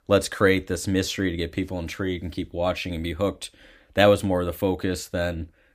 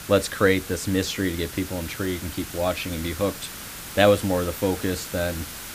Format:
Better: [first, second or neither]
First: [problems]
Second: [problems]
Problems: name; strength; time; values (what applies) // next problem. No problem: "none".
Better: first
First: none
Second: hiss; noticeable; throughout; 10 dB below the speech